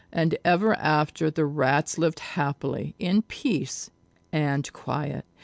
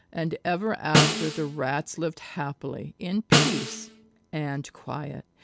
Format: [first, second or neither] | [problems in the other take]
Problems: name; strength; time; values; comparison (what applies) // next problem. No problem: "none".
first | background sound (Snare drum); 4 dB above the speech